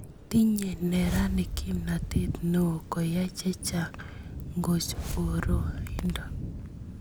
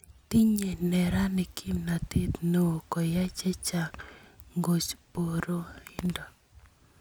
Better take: second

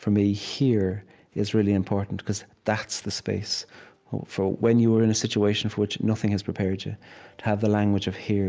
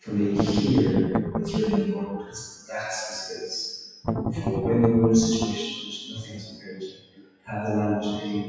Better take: first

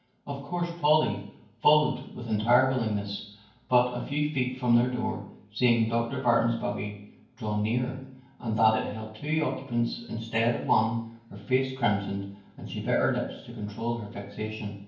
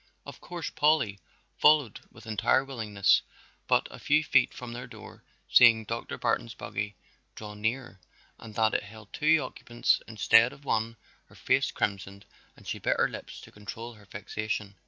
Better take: second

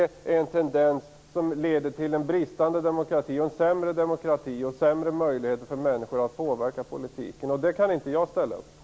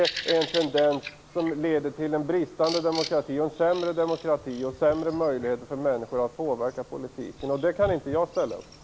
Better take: first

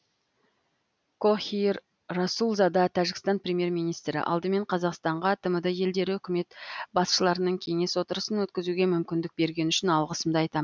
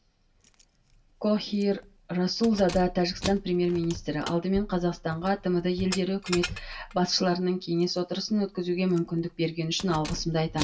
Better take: first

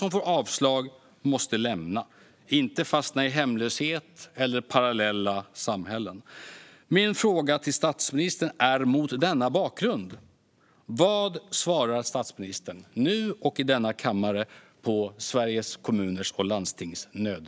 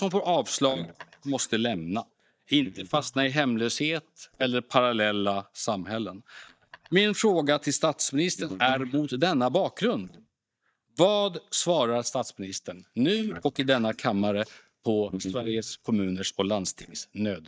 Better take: first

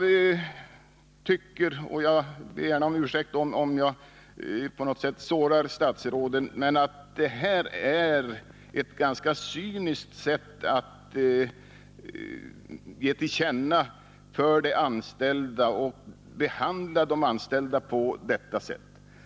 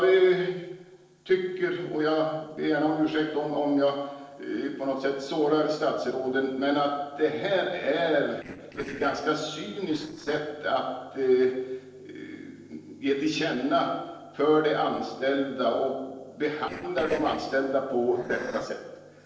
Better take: first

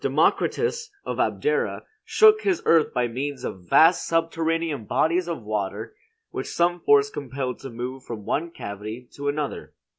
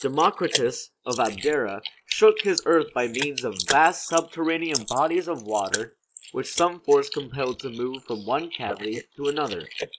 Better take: first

